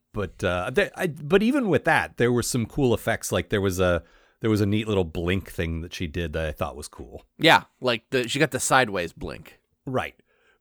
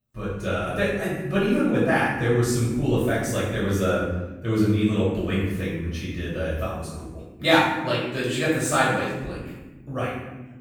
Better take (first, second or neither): first